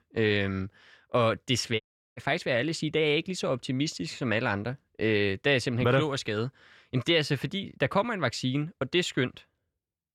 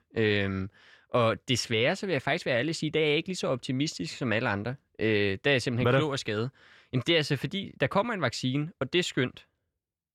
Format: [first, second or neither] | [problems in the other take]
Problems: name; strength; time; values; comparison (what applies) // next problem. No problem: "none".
second | audio cutting out; at 2 s